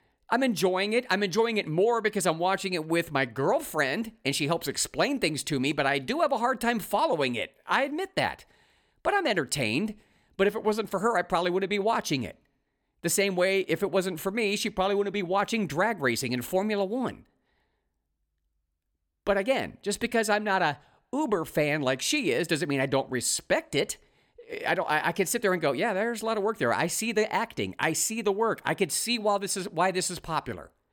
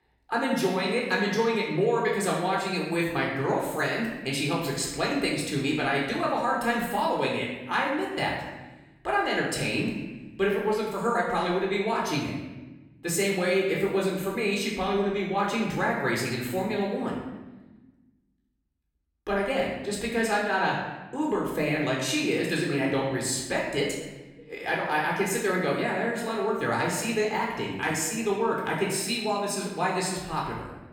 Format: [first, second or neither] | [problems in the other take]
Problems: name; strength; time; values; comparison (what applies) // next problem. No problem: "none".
first | off-mic speech; far // room echo; noticeable; dies away in 1 s